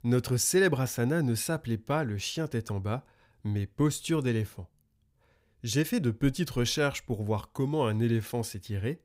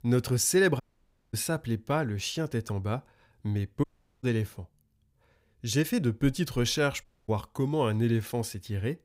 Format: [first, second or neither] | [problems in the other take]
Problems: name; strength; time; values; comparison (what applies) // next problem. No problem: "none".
first | audio cutting out; at 1 s for 0.5 s, at 4 s and at 7 s